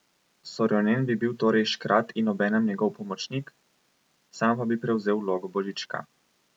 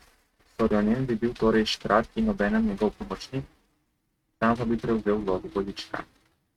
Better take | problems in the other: first | noise reduction (neural mask model RNNoise)

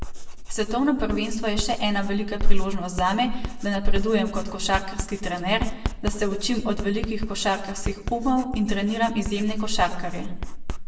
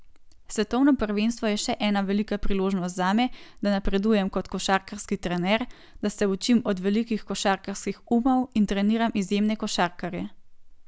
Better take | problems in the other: second | background sound (Writing); 12 dB below the speech // room echo; dies away in 0.8 s

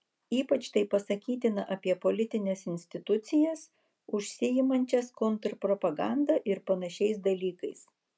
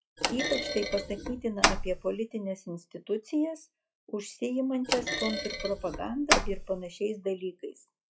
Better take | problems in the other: first | noise reduction (classical method log-MMSE)

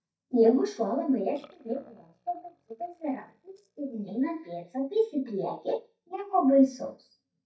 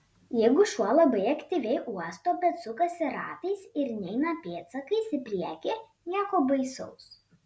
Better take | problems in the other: second | noise reduction (neural mask model DeepFilterNet 3)

